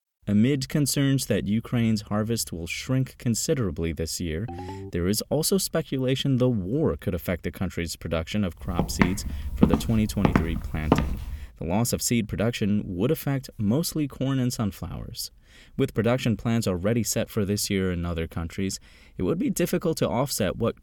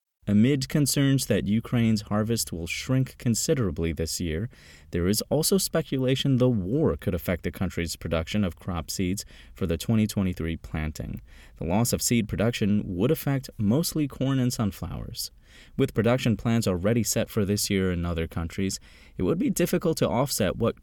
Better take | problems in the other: second | phone ringing; faint; at 4.5 s; peak 10 dB below the speech // footsteps; loud; from 8.5 to 11 s; peak 3 dB above the speech

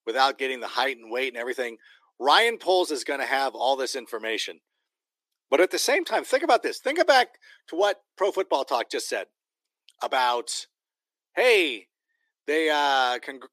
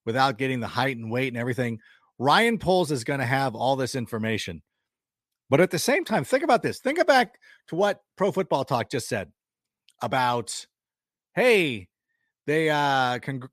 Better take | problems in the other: second | thin; somewhat; fading below 300 Hz

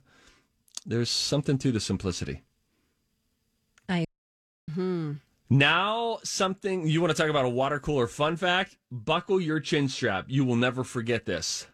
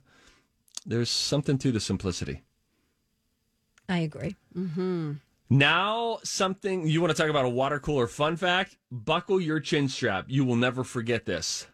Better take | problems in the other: second | audio cutting out; at 4 s for 0.5 s

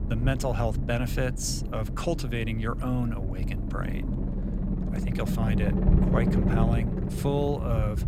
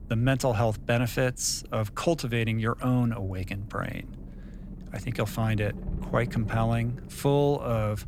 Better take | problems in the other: second | low rumble; loud; throughout; 5 dB below the speech; faint in the second

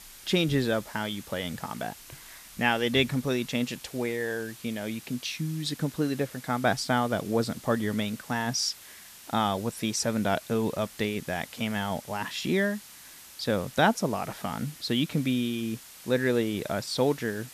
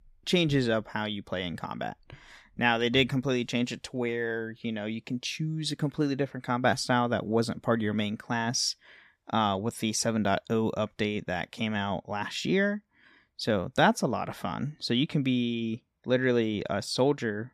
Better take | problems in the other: second | hiss; noticeable; throughout; 15 dB below the speech

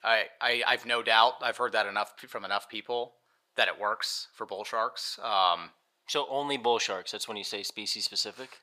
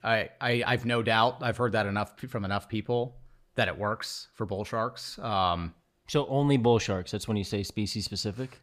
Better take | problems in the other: second | thin; very; fading below 650 Hz

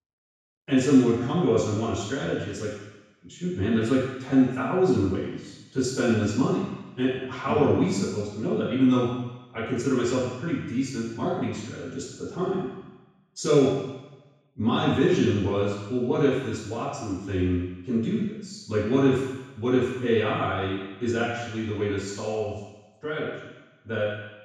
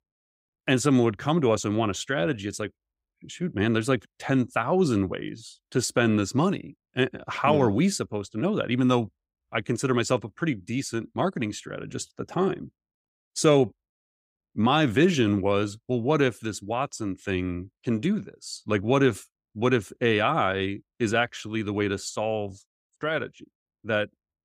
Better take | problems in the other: second | room echo; strong; dies away in 1.1 s // off-mic speech; far

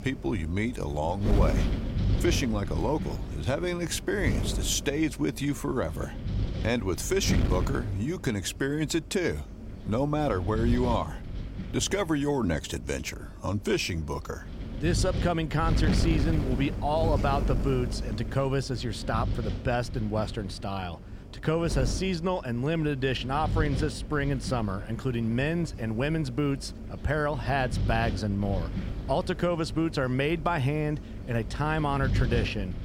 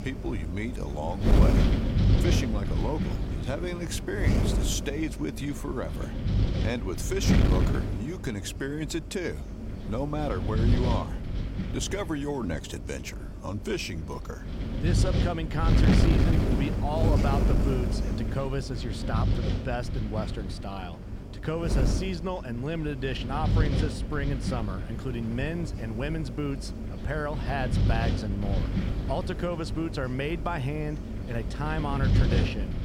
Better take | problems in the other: first | wind noise on the microphone; heavy; 3 dB below the speech; occasional gusts in the first

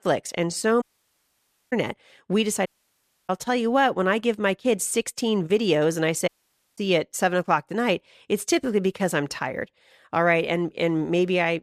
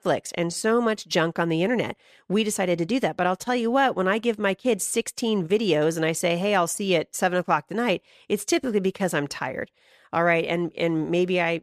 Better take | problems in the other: second | audio cutting out; at 1 s for 1 s, at 2.5 s for 0.5 s and at 6.5 s

